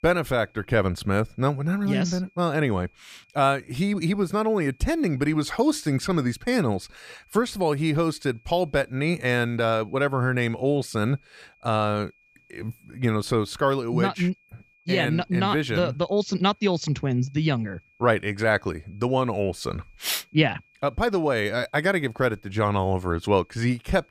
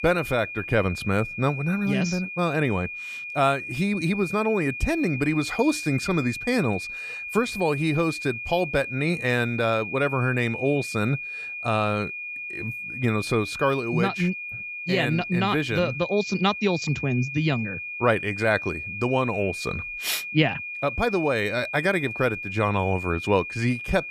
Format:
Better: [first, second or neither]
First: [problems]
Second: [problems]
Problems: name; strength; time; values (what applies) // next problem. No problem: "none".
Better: first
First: high-pitched whine; faint; throughout; 2.5 kHz, 35 dB below the speech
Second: high-pitched whine; loud; throughout; 2.5 kHz, 7 dB below the speech